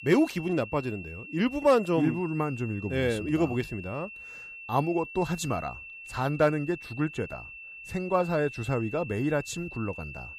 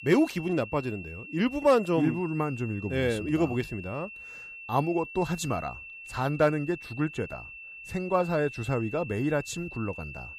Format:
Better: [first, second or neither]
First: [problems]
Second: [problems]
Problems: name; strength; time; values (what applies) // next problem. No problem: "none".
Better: neither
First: high-pitched whine; noticeable; throughout; 2.5 kHz, 15 dB below the speech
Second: high-pitched whine; noticeable; throughout; 2.5 kHz, 15 dB below the speech